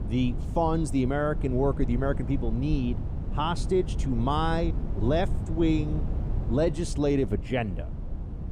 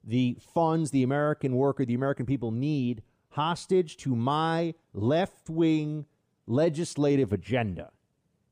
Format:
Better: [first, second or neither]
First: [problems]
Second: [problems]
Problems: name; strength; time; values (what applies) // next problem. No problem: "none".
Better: second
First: wind noise on the microphone; occasional gusts; 15 dB below the speech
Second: none